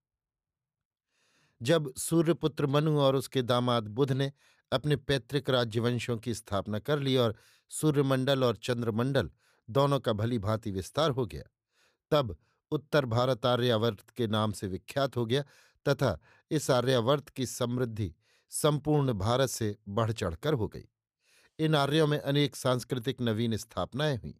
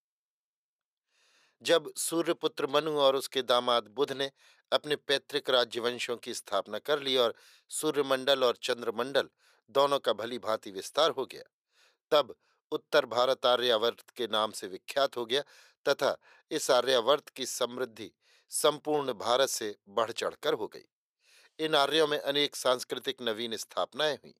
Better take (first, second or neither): first